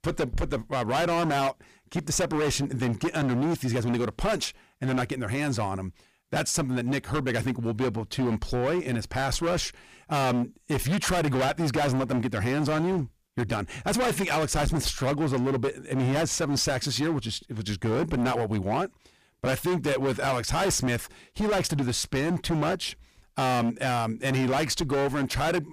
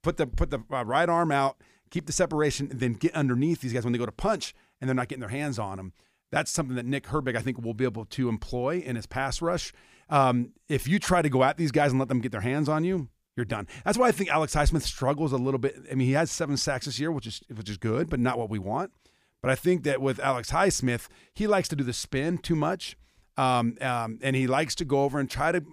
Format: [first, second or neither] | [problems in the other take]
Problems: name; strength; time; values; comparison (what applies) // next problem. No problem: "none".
second | distortion; heavy; 23% of the sound clipped